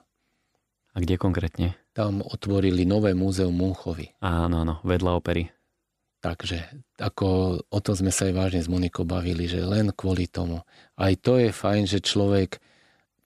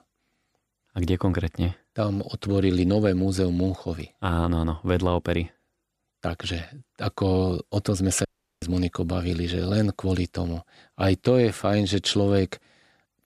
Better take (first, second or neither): first